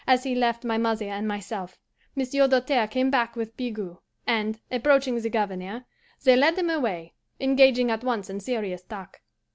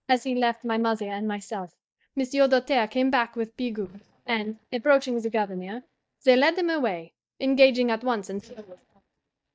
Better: first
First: none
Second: noise reduction (neural mask model DeepFilterNet 3)

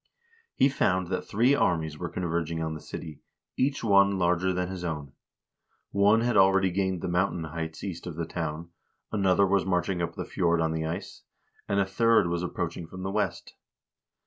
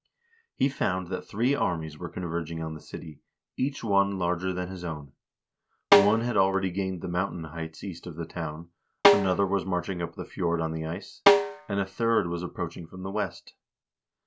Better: first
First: none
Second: background sound (Snare drum); 3 dB above the speech

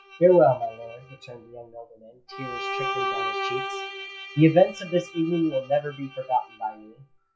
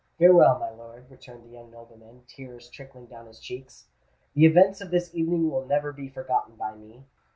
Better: second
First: noise reduction (classical method log-MMSE)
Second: none

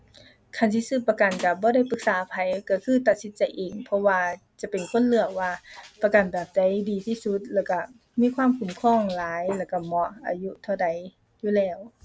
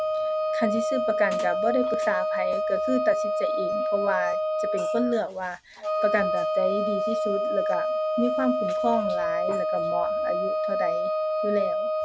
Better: first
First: none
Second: background sound (Wind instrument, woodwind instrument); 3 dB above the speech

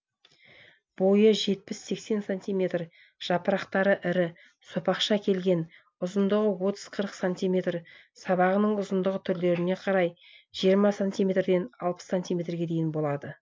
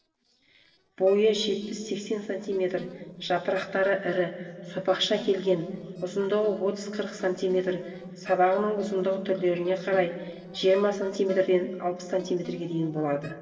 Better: first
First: none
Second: noise reduction (neural separator model SepFormer DNS4)

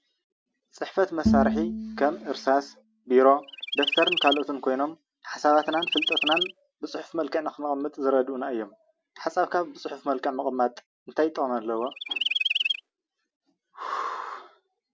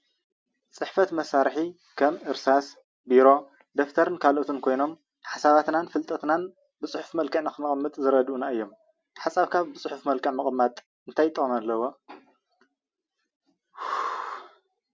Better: second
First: background sound (Chirp, tweet + Bowed string instrument); 1 dB below the speech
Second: none

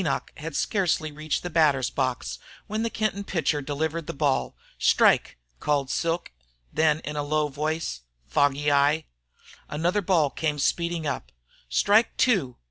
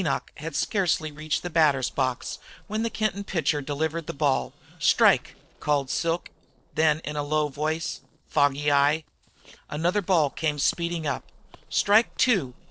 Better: first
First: none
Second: noise reduction (neural separator model SepFormer DNS4)

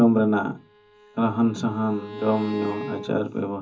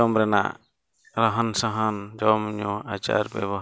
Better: second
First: background sound (Bowed string instrument); 15 dB below the speech // room echo; dies away in 0.3 s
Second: none

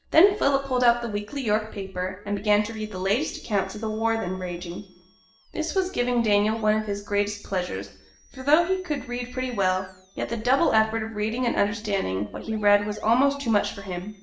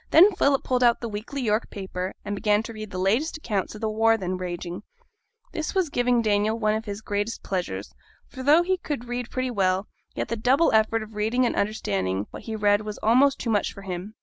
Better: second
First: noise reduction (neural separator model SepFormer DNS4)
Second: none

